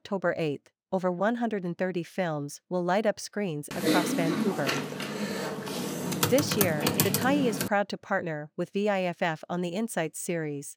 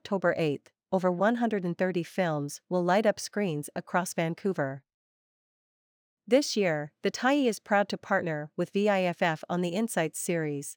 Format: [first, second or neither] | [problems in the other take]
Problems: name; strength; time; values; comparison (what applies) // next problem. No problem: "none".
second | keyboard typing; loud; from 3.5 to 7.5 s; peak 5 dB above the speech